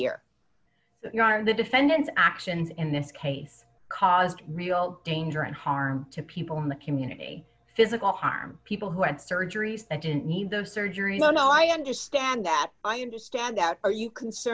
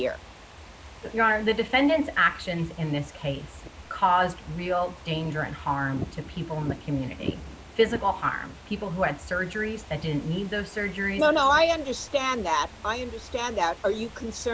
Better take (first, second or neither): first